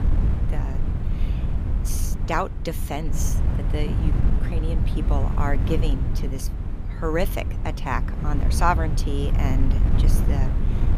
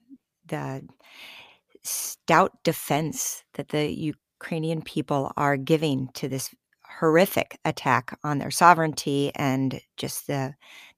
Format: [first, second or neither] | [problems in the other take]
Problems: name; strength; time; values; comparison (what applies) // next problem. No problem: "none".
second | wind noise on the microphone; heavy; 8 dB below the speech